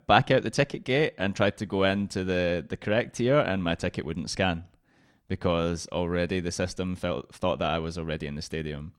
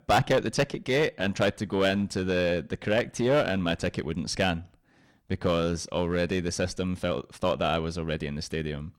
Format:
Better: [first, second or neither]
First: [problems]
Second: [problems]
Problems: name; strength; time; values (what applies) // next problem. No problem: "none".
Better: first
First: none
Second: distortion; slight; 4% of the sound clipped